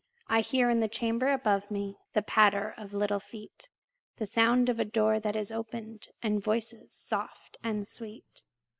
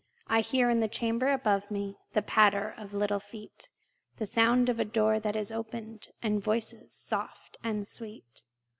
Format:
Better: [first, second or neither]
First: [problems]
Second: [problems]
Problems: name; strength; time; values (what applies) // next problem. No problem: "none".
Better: second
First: noise reduction (neural mask model Resemble Enhance denoiser)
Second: none